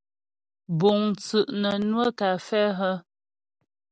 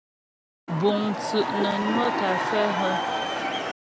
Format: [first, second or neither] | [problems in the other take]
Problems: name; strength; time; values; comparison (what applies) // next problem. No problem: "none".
first | background sound (Crowd / Cheering); 1 dB above the speech